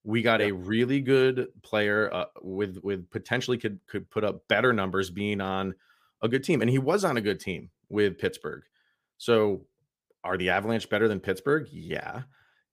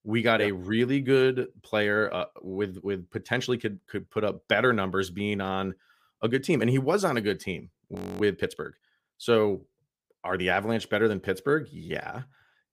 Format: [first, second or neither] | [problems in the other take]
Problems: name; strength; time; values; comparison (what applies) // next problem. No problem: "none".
first | audio freezing; at 8 s